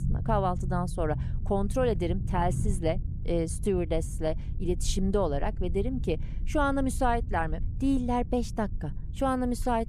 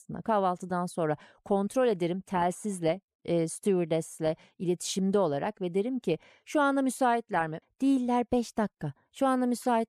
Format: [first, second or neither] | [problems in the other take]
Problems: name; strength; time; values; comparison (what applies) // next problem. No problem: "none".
second | low rumble; noticeable; throughout; 20 dB below the speech